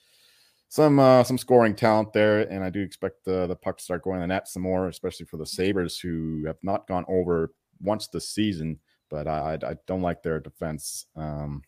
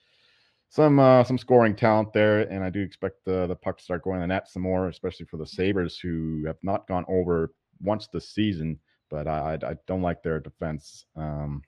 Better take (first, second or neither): first